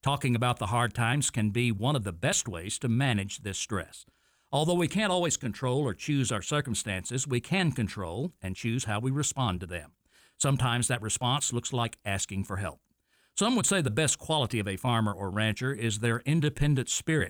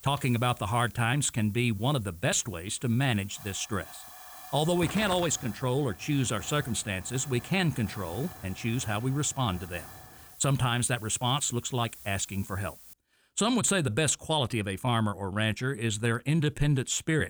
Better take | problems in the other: first | hiss; noticeable; until 13 s; 15 dB below the speech

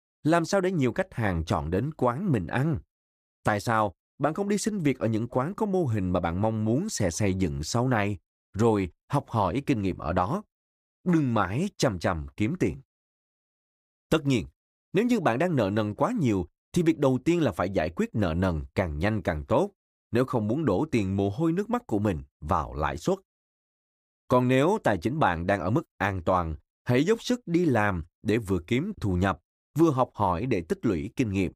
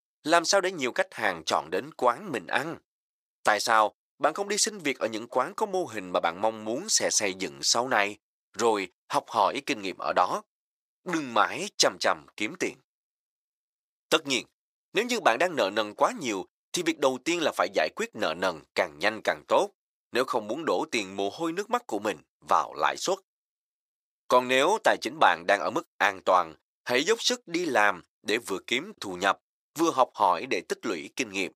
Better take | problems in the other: first | thin; very; fading below 550 Hz

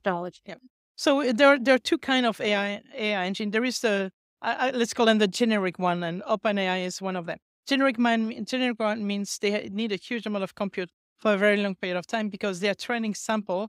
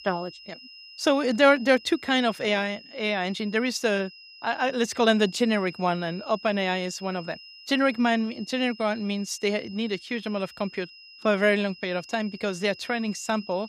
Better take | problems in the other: first | high-pitched whine; noticeable; throughout; 5 kHz, 20 dB below the speech

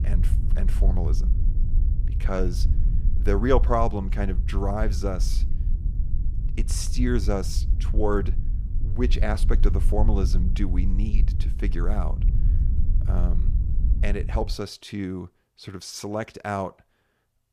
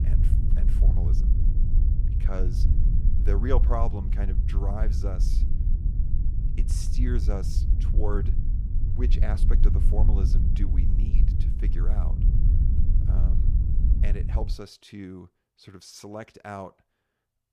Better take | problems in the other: first | wind noise on the microphone; heavy; until 15 s; 5 dB below the speech; occasional gusts in the first

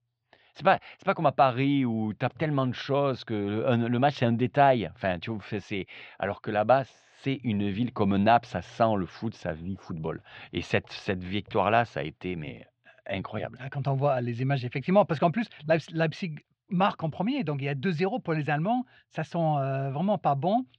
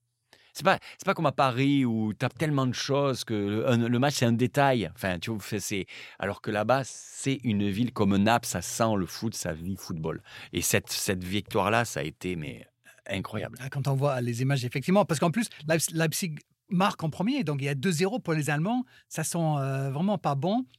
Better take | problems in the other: second | muffled; very; fading above 3.5 kHz

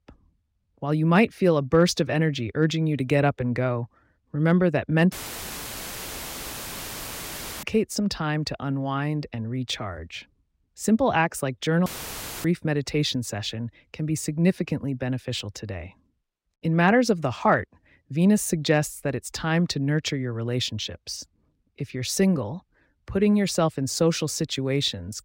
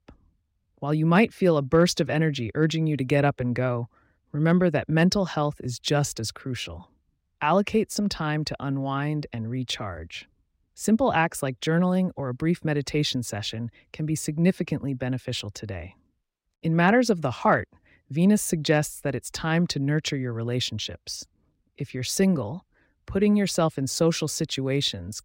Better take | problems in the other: second | audio cutting out; filled with static; at 5 s for 2.5 s and at 12 s for 0.5 s

